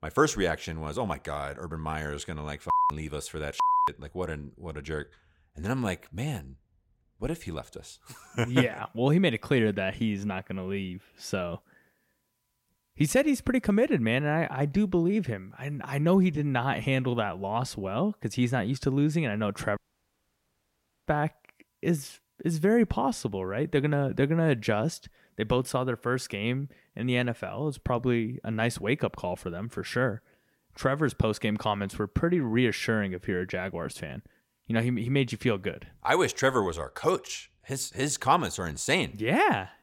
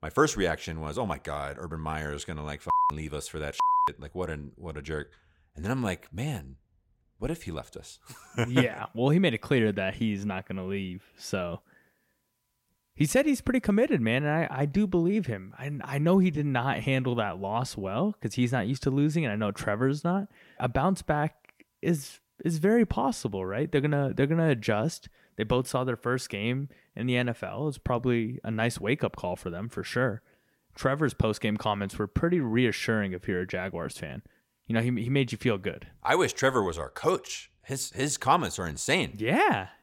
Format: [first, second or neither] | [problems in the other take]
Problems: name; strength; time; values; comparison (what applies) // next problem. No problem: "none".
second | audio cutting out; at 20 s for 1.5 s